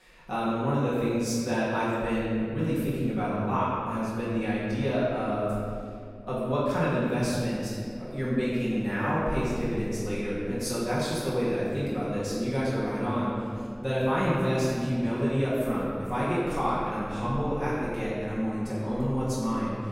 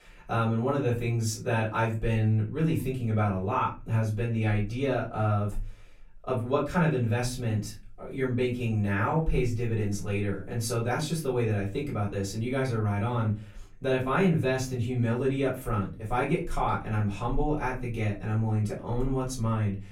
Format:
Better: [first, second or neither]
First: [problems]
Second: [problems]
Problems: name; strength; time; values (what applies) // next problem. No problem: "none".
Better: second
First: room echo; strong; dies away in 2.2 s // off-mic speech; far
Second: room echo; slight; dies away in 0.3 s // off-mic speech; far